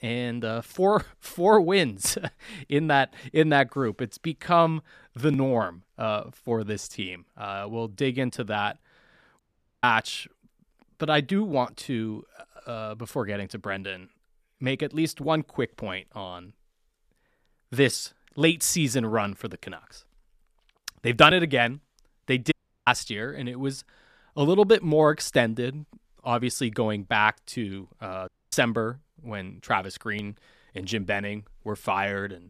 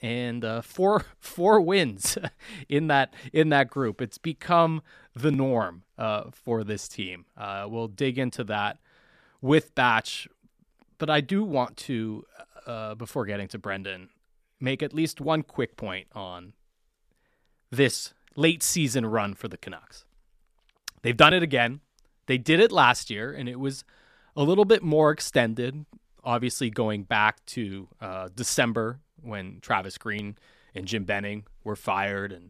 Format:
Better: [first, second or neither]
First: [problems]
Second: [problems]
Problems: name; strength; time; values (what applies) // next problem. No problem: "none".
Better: second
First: audio cutting out; at 9.5 s, at 23 s and at 28 s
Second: none